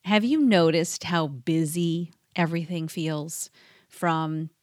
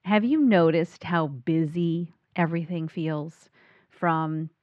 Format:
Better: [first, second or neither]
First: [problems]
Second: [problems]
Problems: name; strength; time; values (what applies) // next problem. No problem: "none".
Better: first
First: none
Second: muffled; very; fading above 2 kHz